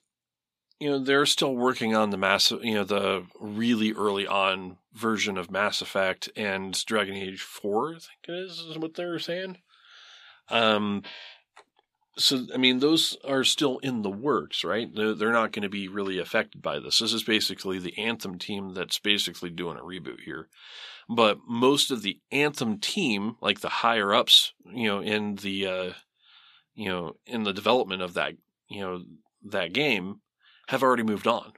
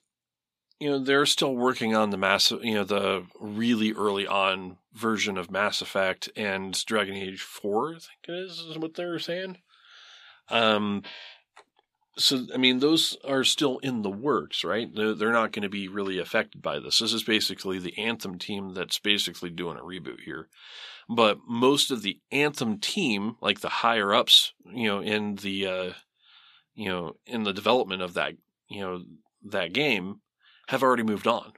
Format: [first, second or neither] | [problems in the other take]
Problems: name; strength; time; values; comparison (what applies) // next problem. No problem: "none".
neither | thin; very slightly; fading below 1 kHz; the same in both